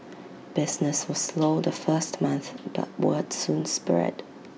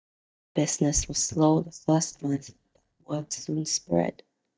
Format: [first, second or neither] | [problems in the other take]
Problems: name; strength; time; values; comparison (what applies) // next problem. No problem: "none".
first | noise reduction (neural mask model DeepFilterNet 3)